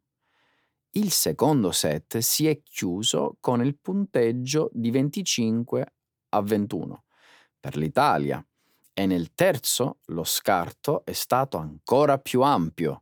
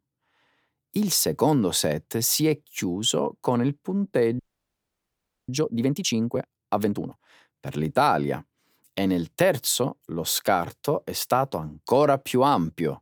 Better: first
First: none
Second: audio freezing; at 4.5 s for 1 s

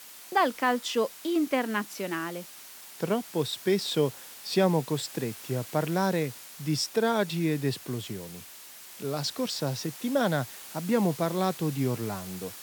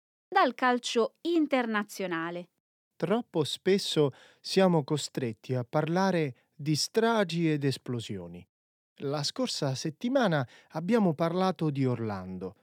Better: second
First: hiss; noticeable; throughout; 15 dB below the speech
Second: none

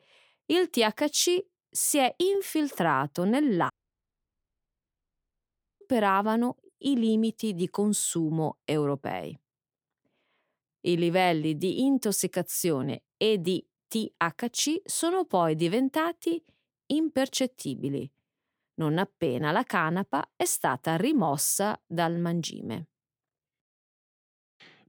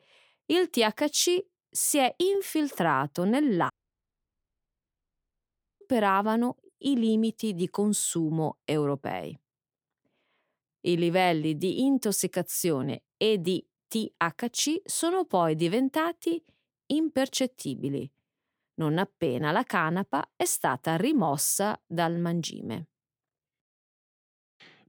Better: neither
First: audio cutting out; at 3.5 s for 2 s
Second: audio cutting out; at 3.5 s for 2 s

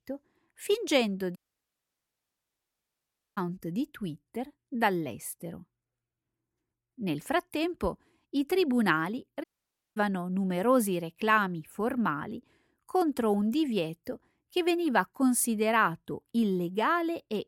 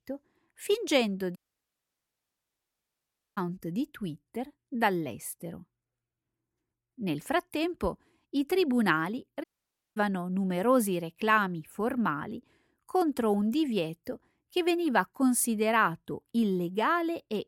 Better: neither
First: audio cutting out; at 1.5 s for 2 s and at 9.5 s for 0.5 s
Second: audio cutting out; at 1.5 s for 2 s and at 9.5 s for 0.5 s

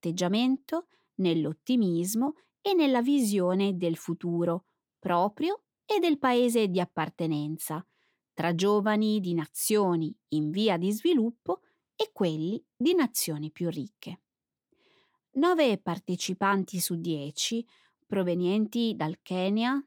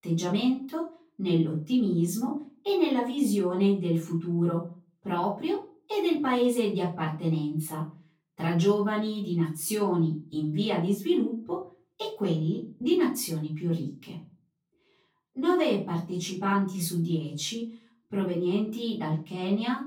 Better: first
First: none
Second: off-mic speech; far // room echo; slight; dies away in 0.3 s

